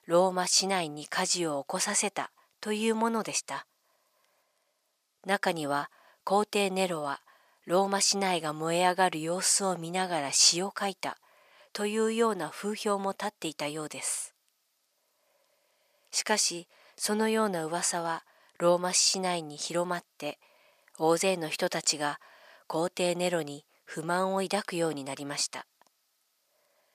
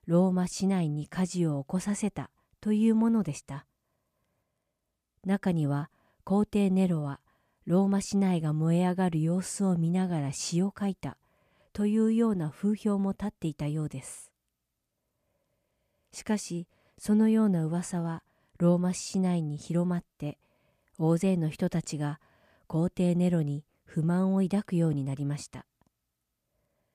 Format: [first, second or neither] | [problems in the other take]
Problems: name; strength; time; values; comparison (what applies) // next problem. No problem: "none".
second | thin; very; fading below 650 Hz